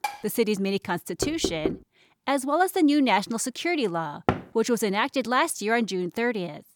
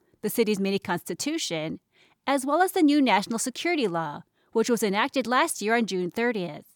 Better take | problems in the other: second | clattering dishes; noticeable; at the start; peak 8 dB below the speech // door banging; noticeable; at 1 s and at 4.5 s; peak 3 dB below the speech

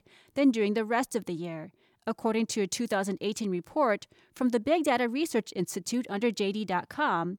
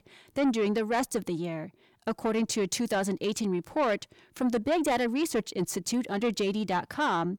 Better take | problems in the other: first | distortion; slight; 10 dB below the speech

